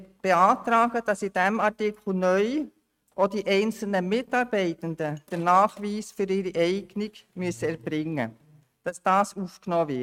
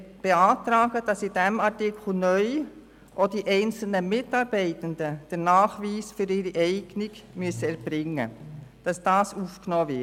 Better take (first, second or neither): second